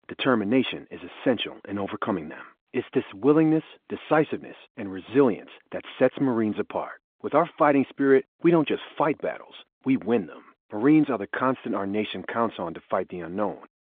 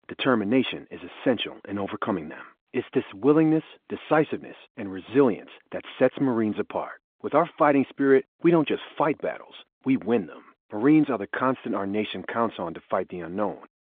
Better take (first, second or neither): neither